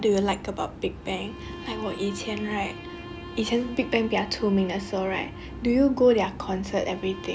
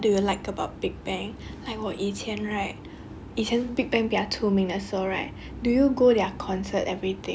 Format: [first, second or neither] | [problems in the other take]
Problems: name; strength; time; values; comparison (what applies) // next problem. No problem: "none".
second | background sound (Bowed string instrument); 17 dB below the speech